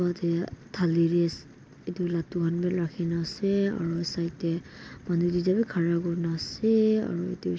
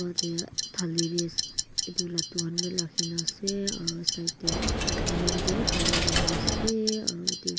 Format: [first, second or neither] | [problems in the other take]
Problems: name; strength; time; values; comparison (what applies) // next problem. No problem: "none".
first | background sound (Clock + Coin (dropping)); 4 dB above the speech